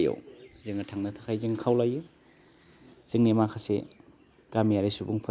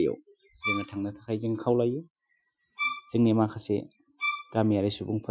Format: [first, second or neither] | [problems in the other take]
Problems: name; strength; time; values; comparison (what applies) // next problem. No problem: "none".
first | noise reduction (classical method Wiener filter)